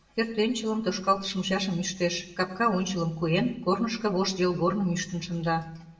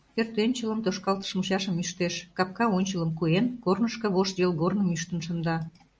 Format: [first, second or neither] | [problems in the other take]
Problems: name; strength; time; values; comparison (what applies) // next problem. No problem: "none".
second | room echo; dies away in 0.7 s